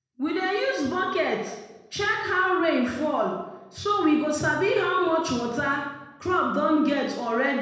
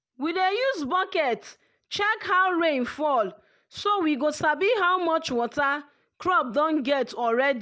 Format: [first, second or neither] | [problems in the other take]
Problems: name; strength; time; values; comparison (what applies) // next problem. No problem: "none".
second | room echo; dies away in 1 s